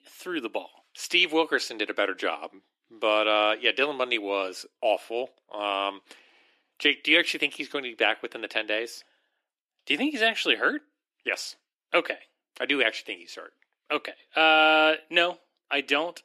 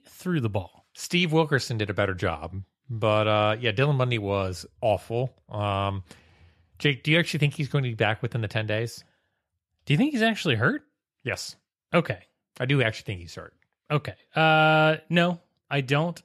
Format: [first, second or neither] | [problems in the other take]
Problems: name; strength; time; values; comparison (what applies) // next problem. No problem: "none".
second | thin; somewhat; fading below 300 Hz